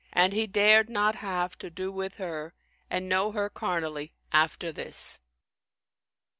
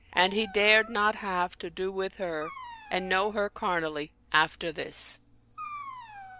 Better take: first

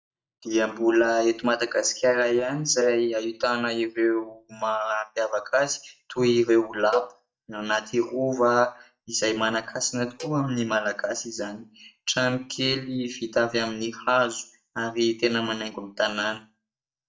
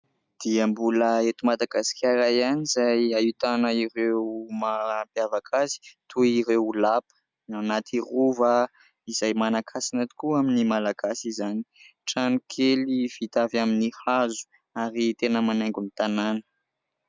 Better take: second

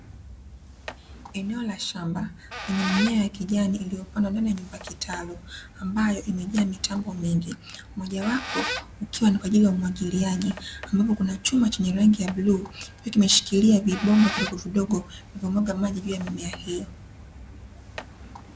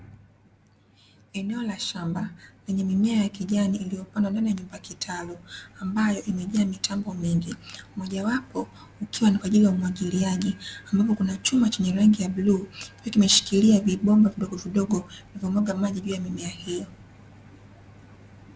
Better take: second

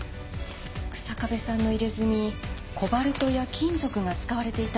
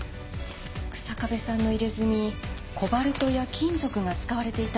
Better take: second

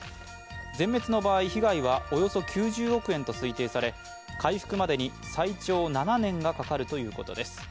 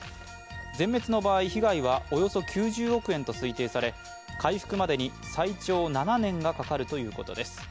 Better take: second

